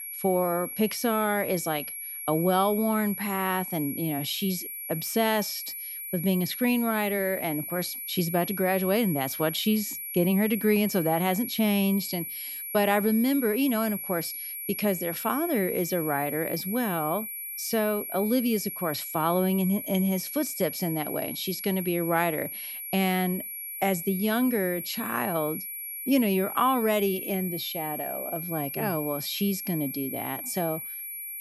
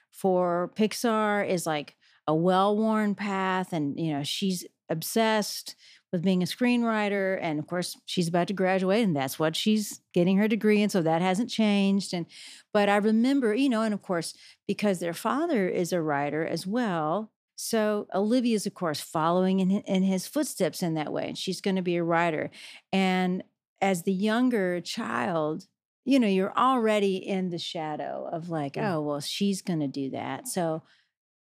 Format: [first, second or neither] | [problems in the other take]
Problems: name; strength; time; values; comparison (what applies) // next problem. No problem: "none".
second | high-pitched whine; loud; throughout; 11.5 kHz, 6 dB below the speech